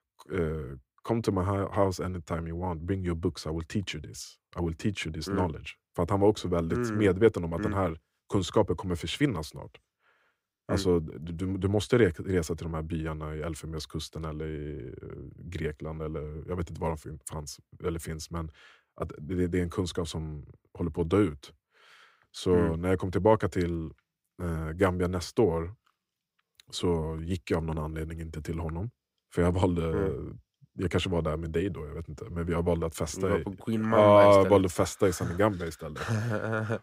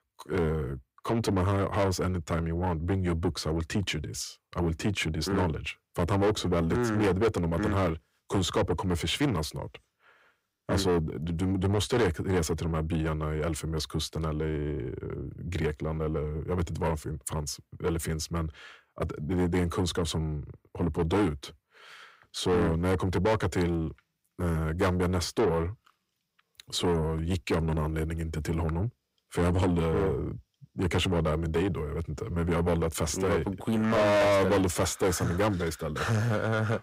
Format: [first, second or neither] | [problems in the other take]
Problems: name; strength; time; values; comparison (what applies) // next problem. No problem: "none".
first | distortion; heavy; 6 dB below the speech